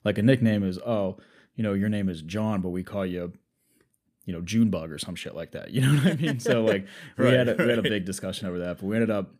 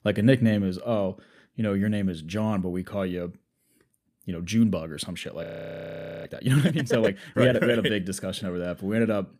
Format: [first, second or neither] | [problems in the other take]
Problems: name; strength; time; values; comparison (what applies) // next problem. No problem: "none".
first | audio freezing; at 5.5 s for 1 s